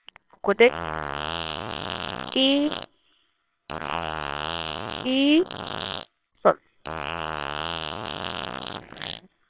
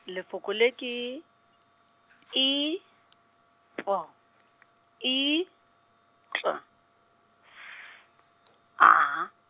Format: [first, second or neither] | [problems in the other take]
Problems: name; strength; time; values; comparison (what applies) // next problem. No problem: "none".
second | noise reduction (neural separator model SepFormer WHAMR!)